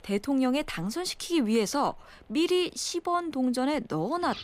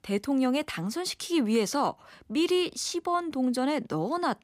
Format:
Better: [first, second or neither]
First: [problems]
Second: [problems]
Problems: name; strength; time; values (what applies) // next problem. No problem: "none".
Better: second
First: animal sounds; faint; throughout; 30 dB below the speech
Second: none